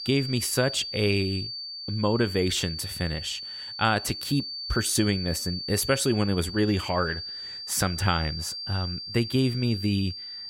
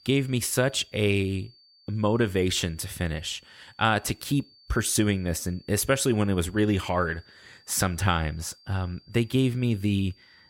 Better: second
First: high-pitched whine; loud; throughout; 4.5 kHz, 7 dB below the speech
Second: high-pitched whine; faint; throughout; 4.5 kHz, 30 dB below the speech

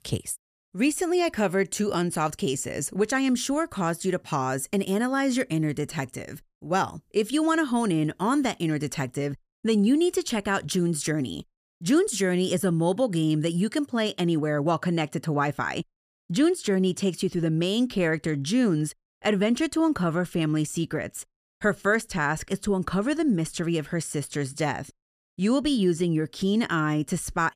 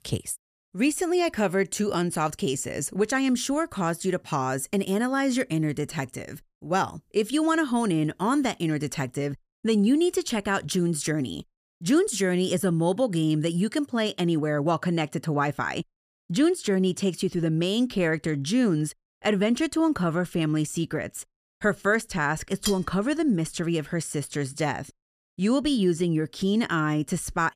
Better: first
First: none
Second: clattering dishes; noticeable; at 23 s; peak 6 dB below the speech

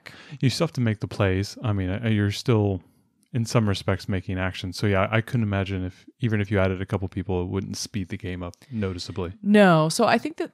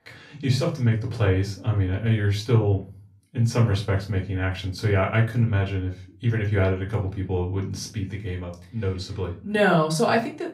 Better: first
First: none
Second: off-mic speech; far // room echo; very slight; dies away in 0.3 s

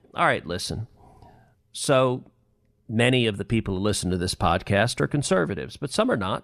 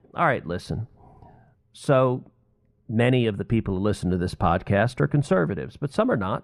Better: first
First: none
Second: muffled; slightly; fading above 2.5 kHz

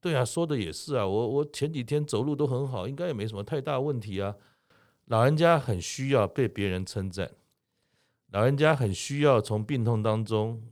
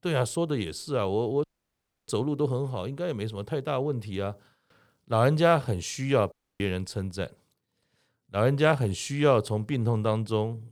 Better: first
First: none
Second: audio cutting out; at 1.5 s for 0.5 s and at 6.5 s

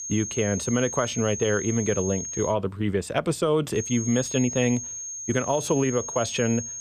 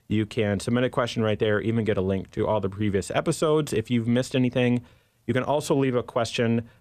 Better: second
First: high-pitched whine; loud; until 2.5 s and from 4 s on; 6.5 kHz, 6 dB below the speech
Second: none

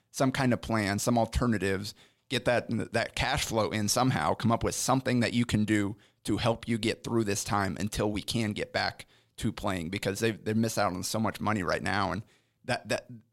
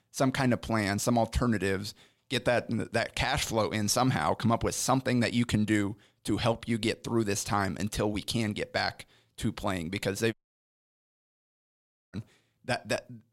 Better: first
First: none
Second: audio cutting out; at 10 s for 2 s

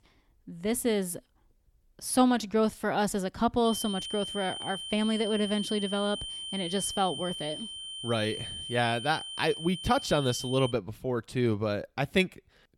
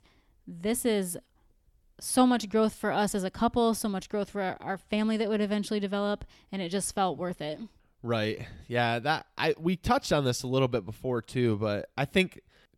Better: second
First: high-pitched whine; loud; from 3.5 to 11 s; 3 kHz, 7 dB below the speech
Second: none

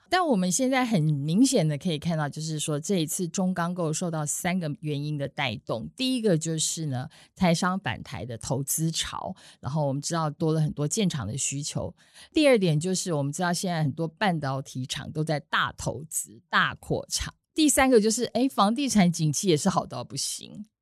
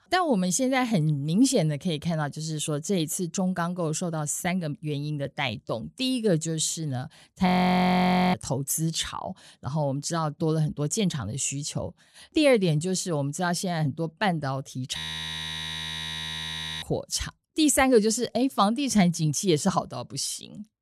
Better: first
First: none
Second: audio freezing; at 7.5 s for 1 s and at 15 s for 2 s

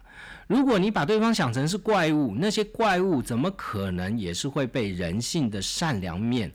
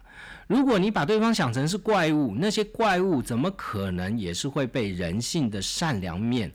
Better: neither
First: distortion; slight; 10 dB below the speech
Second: distortion; slight; 10 dB below the speech

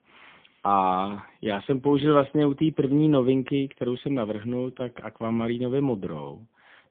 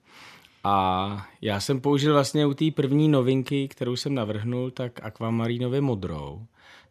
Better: second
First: phone-call audio; poor line; nothing above 3.5 kHz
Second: none

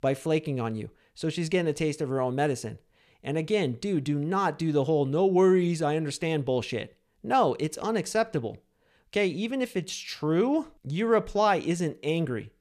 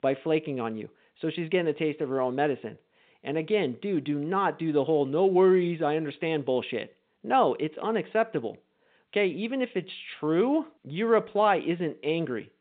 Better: first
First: none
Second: phone-call audio; nothing above 3.5 kHz

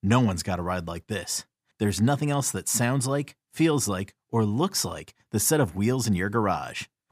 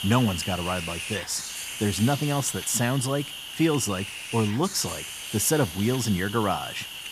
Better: first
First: none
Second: hiss; loud; throughout; 7 dB below the speech

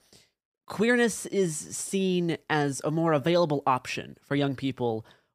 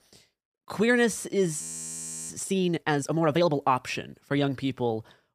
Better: first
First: none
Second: audio freezing; at 1.5 s for 0.5 s

